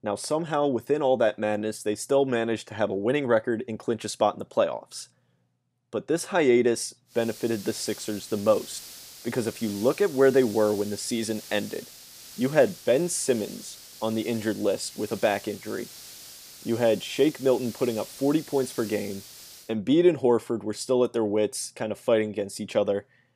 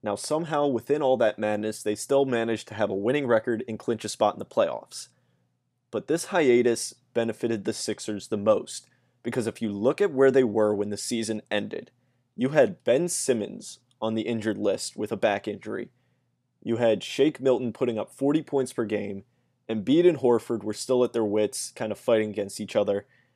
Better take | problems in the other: second | hiss; noticeable; from 7 to 20 s; 15 dB below the speech

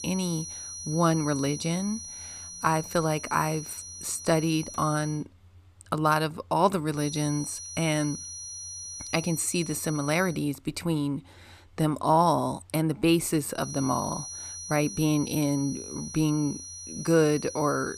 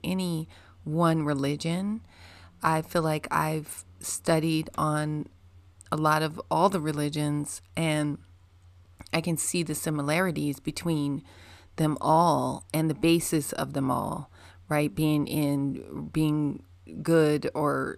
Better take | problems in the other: second | high-pitched whine; noticeable; until 5 s, from 7 to 10 s and from 14 s on; 6 kHz, 10 dB below the speech

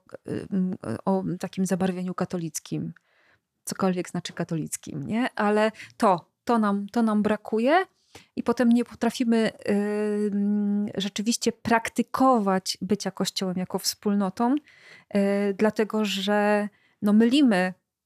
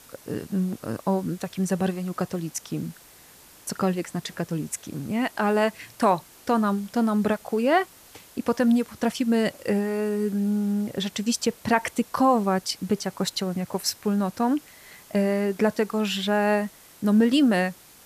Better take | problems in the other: first | hiss; faint; throughout; 25 dB below the speech

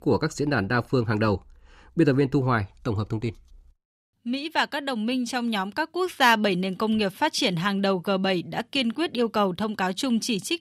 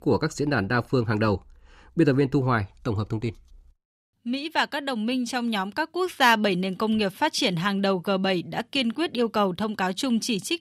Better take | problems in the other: neither | none

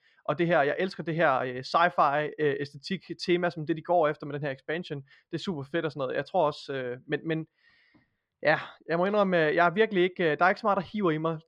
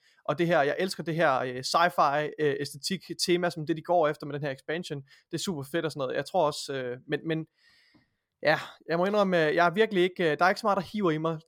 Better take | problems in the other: second | muffled; slightly; fading above 3 kHz

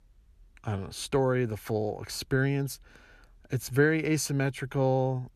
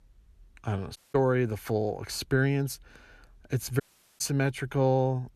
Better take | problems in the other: first | audio cutting out; at 1 s and at 4 s

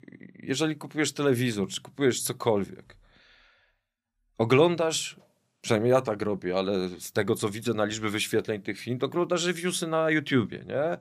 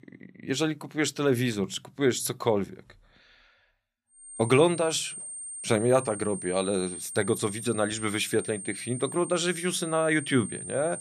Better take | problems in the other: first | high-pitched whine; loud; from 4.5 s on; 8.5 kHz, 9 dB below the speech

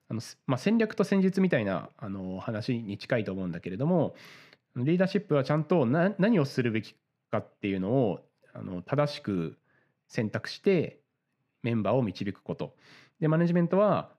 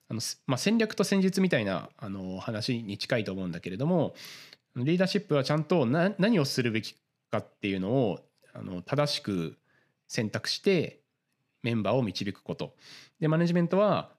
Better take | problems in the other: second | muffled; slightly; fading above 3 kHz

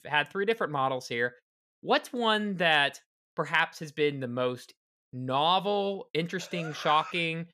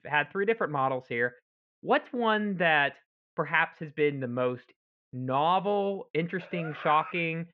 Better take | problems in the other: first | muffled; very; fading above 2.5 kHz

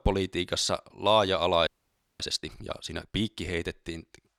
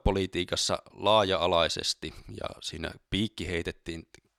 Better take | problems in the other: second | audio freezing; at 1.5 s for 0.5 s

